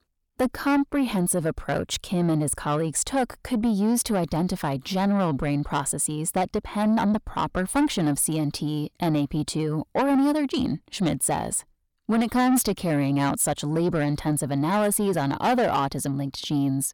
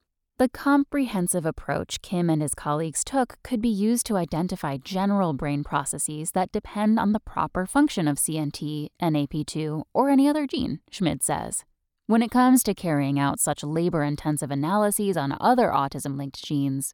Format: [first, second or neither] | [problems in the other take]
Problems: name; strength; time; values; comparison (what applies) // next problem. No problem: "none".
second | distortion; slight; 10 dB below the speech